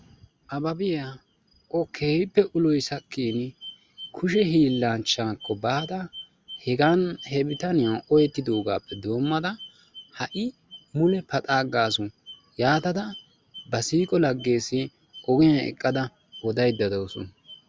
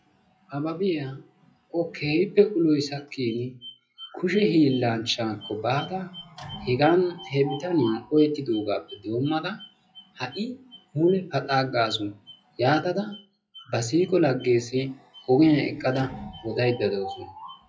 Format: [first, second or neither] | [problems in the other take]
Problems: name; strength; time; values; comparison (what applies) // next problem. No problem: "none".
first | noise reduction (classical method WPE with log-MMSE)